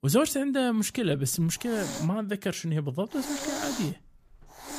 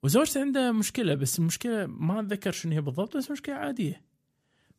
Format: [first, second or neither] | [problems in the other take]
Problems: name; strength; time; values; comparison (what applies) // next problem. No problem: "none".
second | hiss; loud; from 1 to 2 s and from 3 s on; 8 dB below the speech